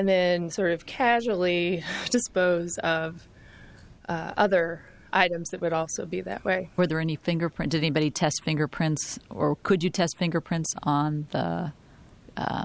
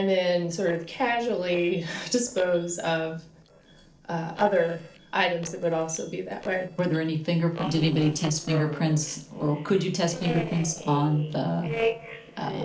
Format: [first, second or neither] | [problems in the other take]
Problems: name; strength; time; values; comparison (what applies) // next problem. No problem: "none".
first | noise reduction (neural separator model SepFormer DNS4)